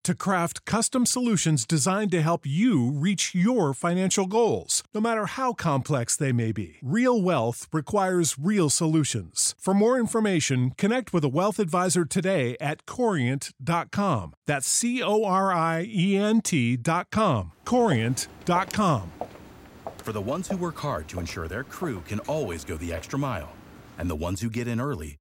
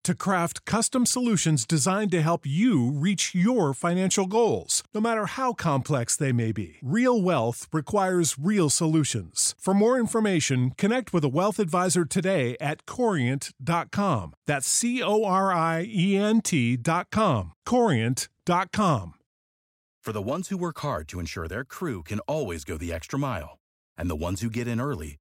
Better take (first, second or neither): second